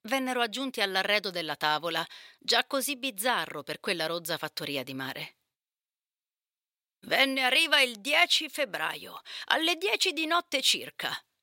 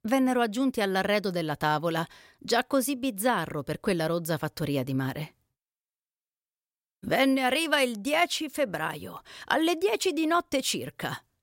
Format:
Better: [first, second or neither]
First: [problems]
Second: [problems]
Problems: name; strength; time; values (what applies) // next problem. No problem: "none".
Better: second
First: thin; very slightly; fading below 650 Hz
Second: none